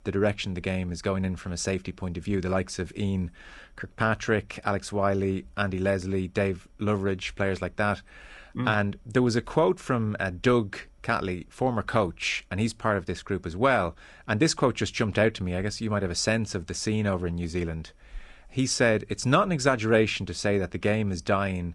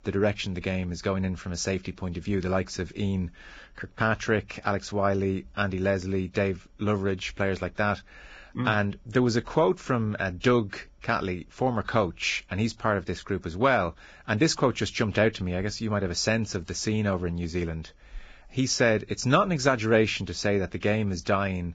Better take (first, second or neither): first